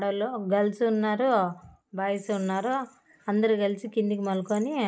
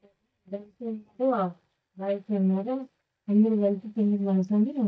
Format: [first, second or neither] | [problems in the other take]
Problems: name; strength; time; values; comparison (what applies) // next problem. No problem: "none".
first | noise reduction (neural mask model DeepFilterNet 3)